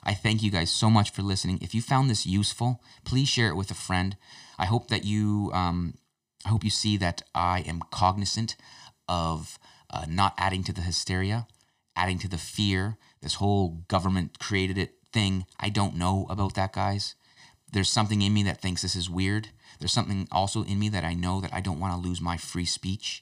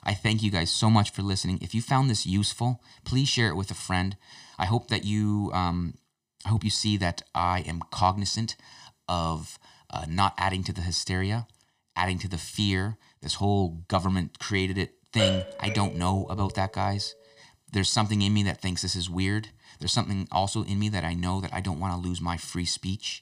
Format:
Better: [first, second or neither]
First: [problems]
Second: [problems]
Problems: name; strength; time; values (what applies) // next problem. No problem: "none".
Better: first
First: none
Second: doorbell; loud; at 15 s; peak level with the speech